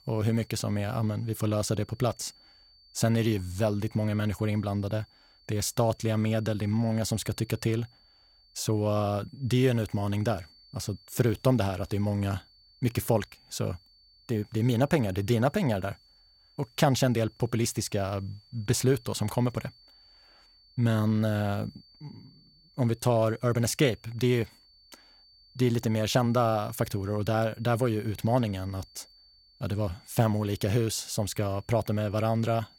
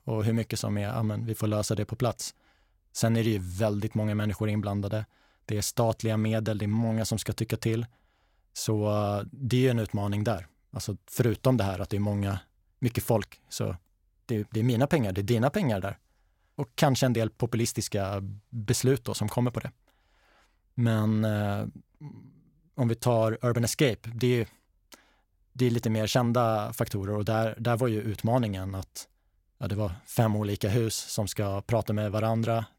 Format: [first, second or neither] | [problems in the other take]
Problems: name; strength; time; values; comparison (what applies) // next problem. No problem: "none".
second | high-pitched whine; faint; throughout; 4.5 kHz, 30 dB below the speech